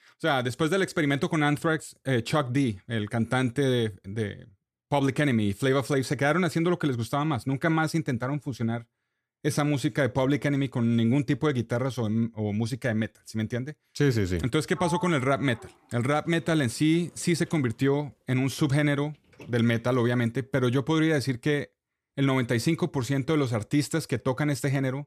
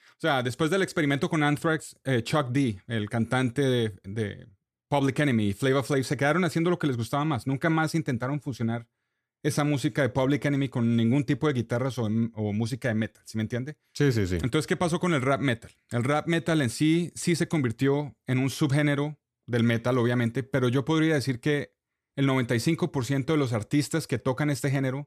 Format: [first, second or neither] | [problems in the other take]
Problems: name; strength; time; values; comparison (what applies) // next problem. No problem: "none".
second | door banging; noticeable; from 15 to 20 s; peak 9 dB below the speech